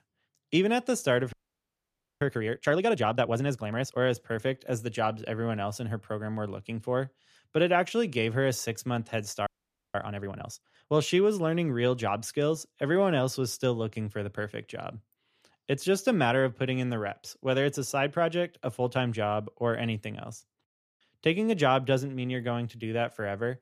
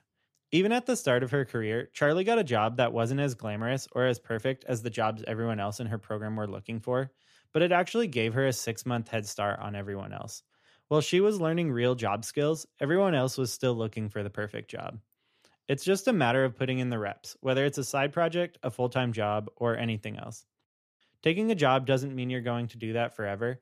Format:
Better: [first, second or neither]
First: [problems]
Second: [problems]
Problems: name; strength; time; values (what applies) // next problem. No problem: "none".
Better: second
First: audio freezing; at 1.5 s for 1 s and at 9.5 s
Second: none